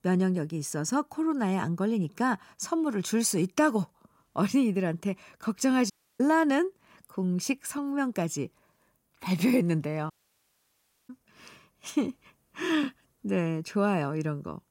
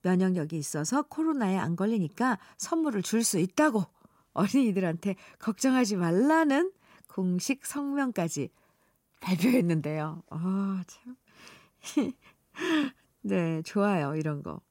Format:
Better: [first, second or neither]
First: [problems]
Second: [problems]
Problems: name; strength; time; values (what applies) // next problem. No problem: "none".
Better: second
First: audio cutting out; at 6 s and at 10 s for 1 s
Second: none